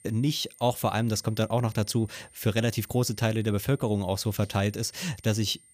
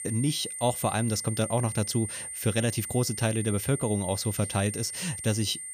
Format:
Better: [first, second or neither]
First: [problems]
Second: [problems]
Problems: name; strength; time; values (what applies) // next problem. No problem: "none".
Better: first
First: high-pitched whine; faint; throughout; 9 kHz, 25 dB below the speech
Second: high-pitched whine; loud; throughout; 9 kHz, 6 dB below the speech